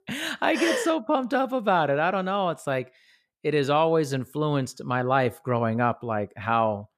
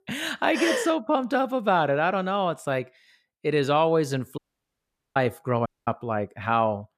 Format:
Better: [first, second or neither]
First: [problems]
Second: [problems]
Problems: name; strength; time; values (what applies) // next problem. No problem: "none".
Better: first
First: none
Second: audio cutting out; at 4.5 s for 1 s and at 5.5 s